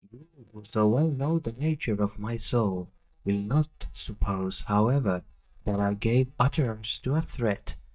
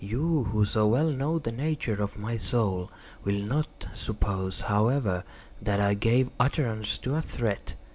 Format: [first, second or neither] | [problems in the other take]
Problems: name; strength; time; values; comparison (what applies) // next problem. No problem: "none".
second | noise reduction (neural mask model DeepFilterNet 3)